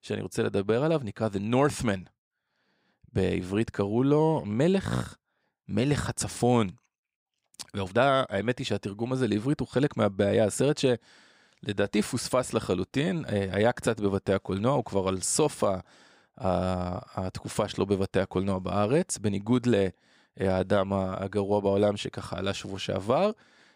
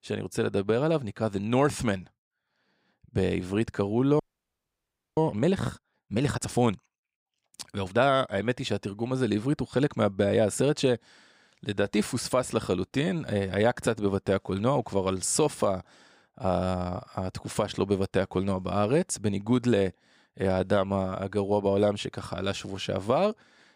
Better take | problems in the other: first | audio freezing; at 4 s for 1 s

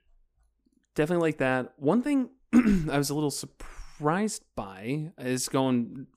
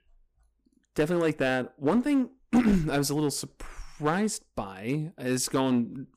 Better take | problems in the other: first | distortion; slight; 4% of the sound clipped

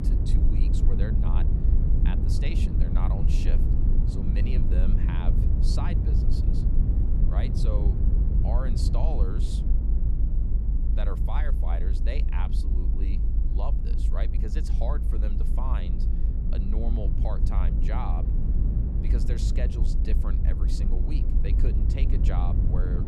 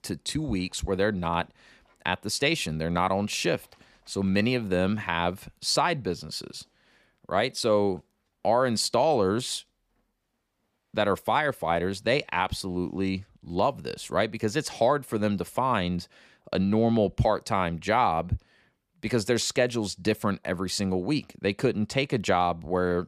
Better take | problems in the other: second | low rumble; loud; throughout; 1 dB below the speech

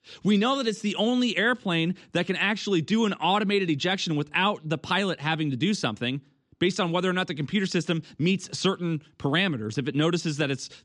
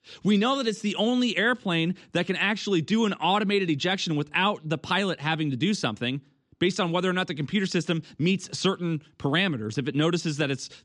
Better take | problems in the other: neither | none

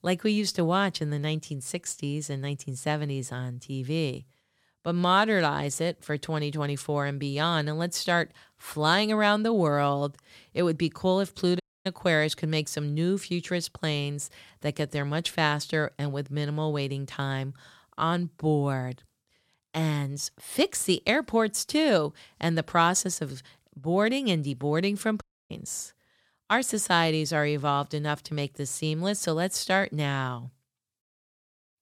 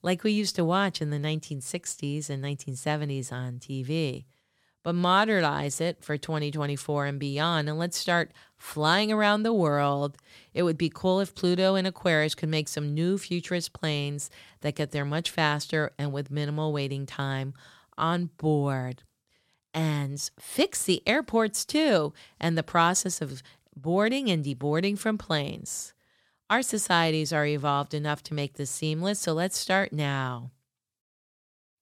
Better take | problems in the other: second | audio cutting out; at 12 s and at 25 s

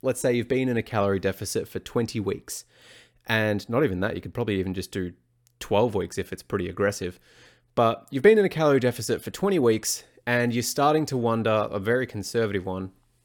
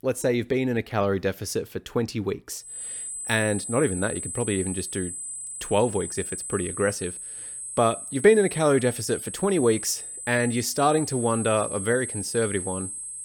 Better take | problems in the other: first | high-pitched whine; loud; from 2.5 s on; 8.5 kHz, 7 dB below the speech

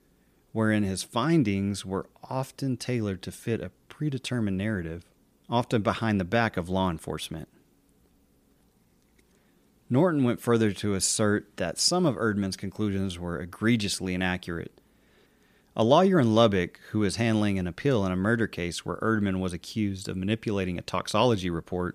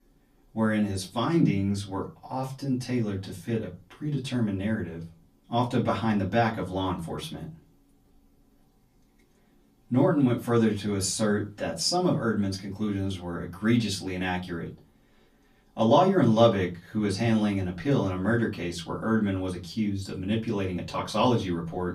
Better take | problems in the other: first | off-mic speech; far // room echo; very slight; dies away in 0.3 s

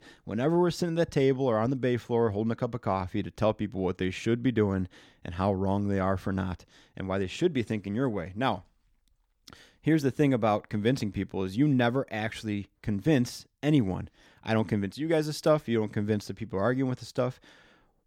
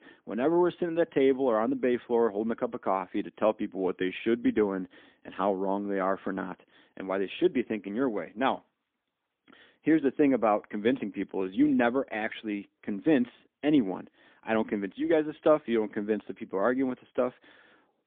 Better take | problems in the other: first | phone-call audio; poor line; nothing above 3.5 kHz

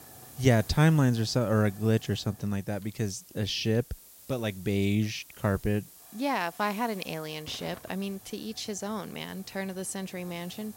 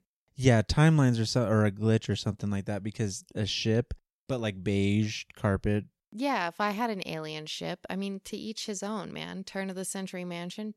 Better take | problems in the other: second | hiss; noticeable; throughout; 20 dB below the speech

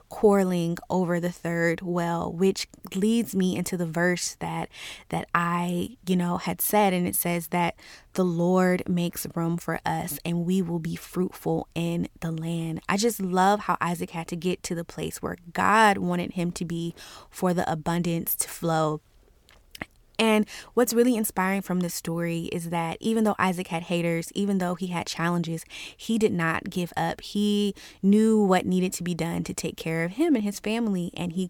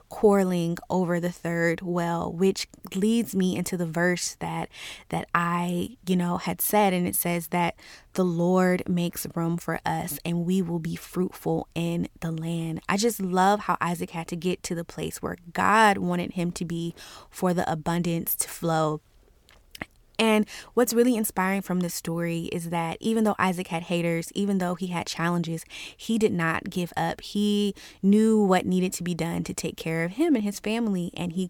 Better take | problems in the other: neither | none

